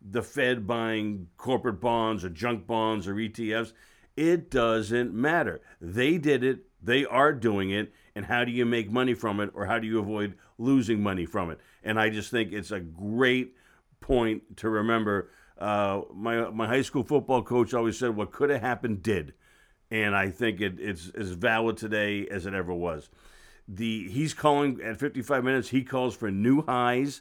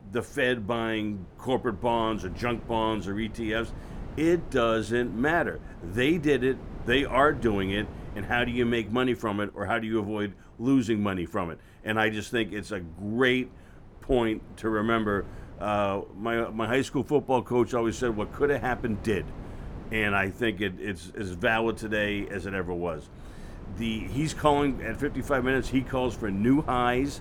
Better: first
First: none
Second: wind noise on the microphone; occasional gusts; 20 dB below the speech

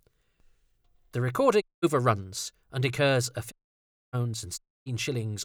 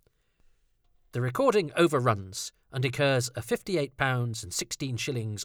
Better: second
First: audio cutting out; at 1.5 s, at 3.5 s for 0.5 s and at 4.5 s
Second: none

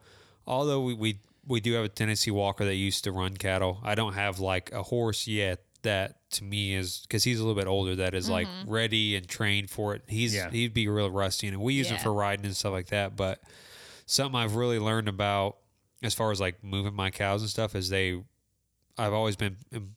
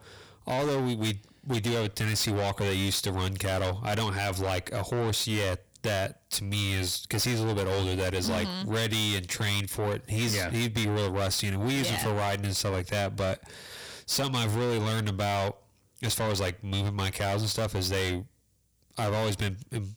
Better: first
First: none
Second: distortion; heavy; 6 dB below the speech

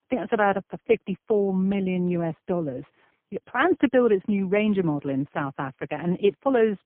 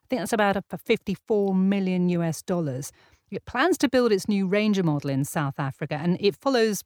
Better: second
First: phone-call audio; poor line; nothing above 3 kHz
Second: none

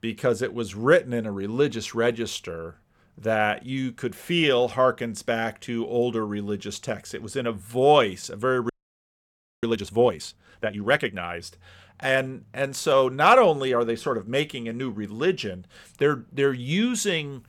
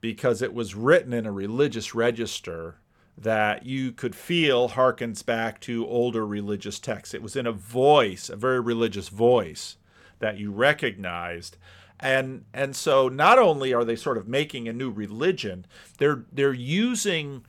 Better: second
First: audio freezing; at 8.5 s for 1 s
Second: none

